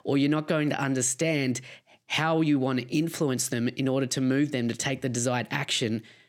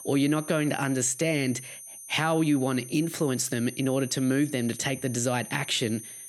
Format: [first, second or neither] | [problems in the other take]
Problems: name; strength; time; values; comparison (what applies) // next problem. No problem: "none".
first | high-pitched whine; noticeable; throughout; 9.5 kHz, 15 dB below the speech